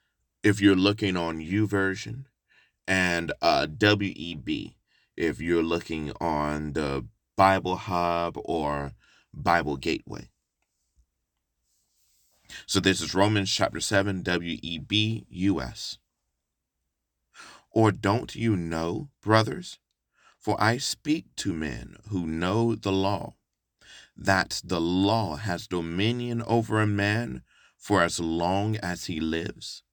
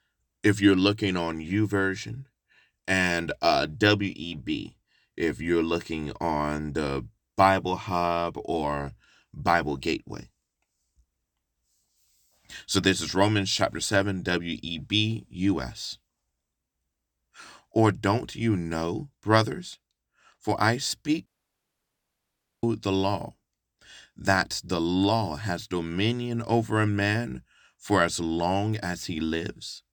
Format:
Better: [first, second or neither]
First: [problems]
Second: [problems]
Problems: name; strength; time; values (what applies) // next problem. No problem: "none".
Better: first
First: none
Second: audio cutting out; at 21 s for 1.5 s